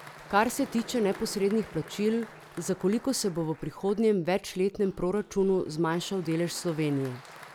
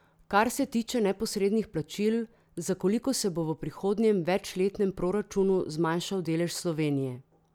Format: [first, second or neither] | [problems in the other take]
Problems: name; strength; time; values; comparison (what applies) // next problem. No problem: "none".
second | background sound (Growling + Applause); 19 dB below the speech